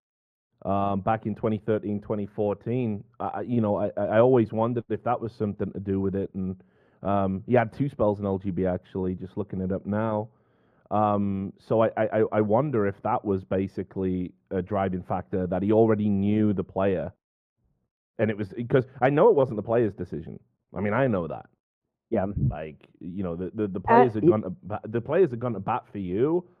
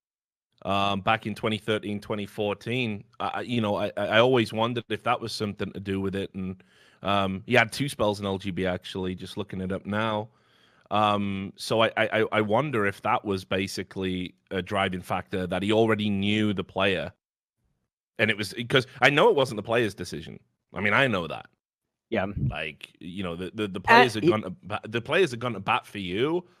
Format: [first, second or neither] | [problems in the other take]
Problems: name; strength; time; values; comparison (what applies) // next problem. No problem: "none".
second | muffled; very; fading above 2 kHz